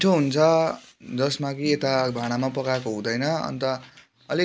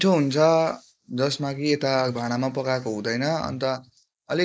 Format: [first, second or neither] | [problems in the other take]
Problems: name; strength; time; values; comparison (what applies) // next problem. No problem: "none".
first | noise reduction (neural mask model Resemble Enhance denoiser)